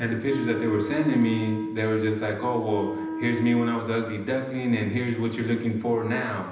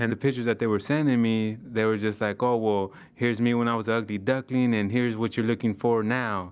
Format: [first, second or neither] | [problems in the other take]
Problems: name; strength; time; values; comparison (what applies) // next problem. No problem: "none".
second | background sound (Wind instrument, woodwind instrument); 7 dB below the speech // room echo; dies away in 0.9 s